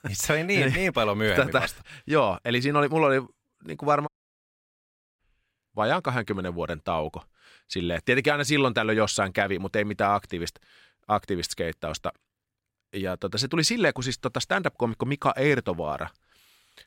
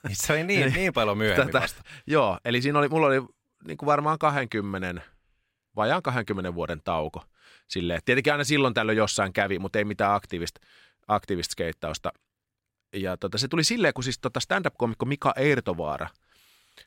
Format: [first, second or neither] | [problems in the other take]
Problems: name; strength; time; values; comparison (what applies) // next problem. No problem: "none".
second | audio cutting out; at 4 s for 1 s